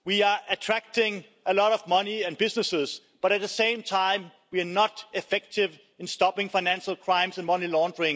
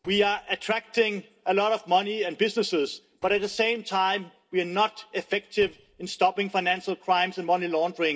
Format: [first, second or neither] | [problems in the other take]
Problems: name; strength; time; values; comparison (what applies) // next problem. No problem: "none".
first | noise reduction (neural separator model SepFormer DNS4)